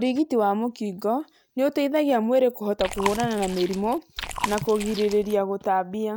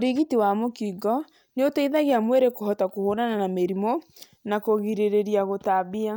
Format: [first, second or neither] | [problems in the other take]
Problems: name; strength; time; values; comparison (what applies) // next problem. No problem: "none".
second | background sound (Chewing, mastication); 9 dB below the speech